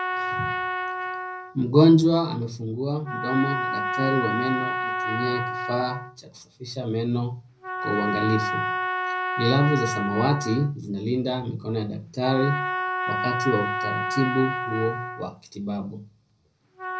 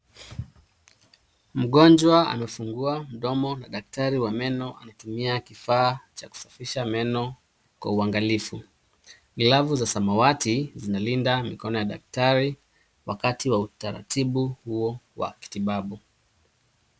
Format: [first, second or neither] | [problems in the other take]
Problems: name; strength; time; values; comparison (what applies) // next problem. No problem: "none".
second | background sound (Trumpet); 4 dB below the speech // room echo; dies away in 0.4 s